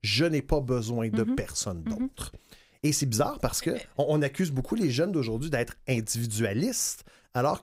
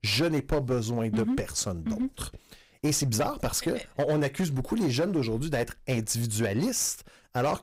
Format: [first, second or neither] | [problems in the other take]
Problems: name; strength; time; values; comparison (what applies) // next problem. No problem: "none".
first | distortion; slight; 9% of the sound clipped